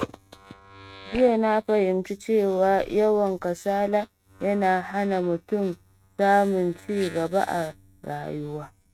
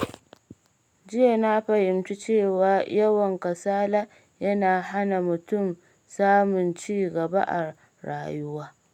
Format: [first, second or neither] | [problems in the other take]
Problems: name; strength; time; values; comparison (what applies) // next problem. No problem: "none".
second | noise reduction (neural mask model RNNoise)